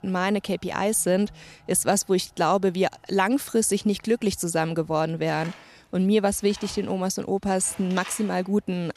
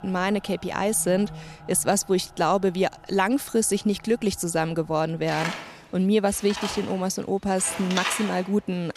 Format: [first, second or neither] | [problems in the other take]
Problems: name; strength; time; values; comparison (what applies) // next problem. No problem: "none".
first | machinery noise; loud; throughout; 10 dB below the speech; faint in the first